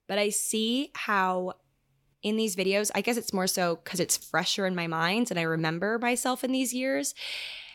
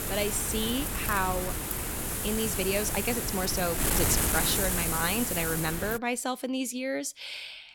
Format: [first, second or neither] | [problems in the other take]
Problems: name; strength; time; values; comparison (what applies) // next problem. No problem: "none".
first | wind noise on the microphone; heavy; until 6 s; 2 dB below the speech